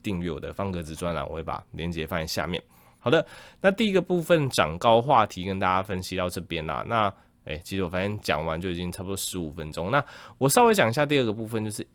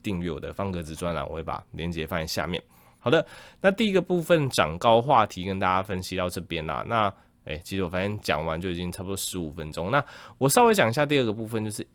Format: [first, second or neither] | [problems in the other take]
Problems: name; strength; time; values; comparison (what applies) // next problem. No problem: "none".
neither | none